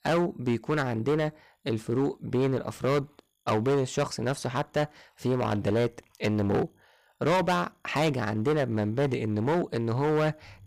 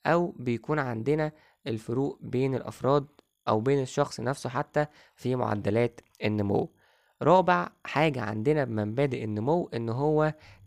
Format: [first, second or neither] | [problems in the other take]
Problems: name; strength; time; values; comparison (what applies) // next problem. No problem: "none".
second | distortion; heavy; 10% of the sound clipped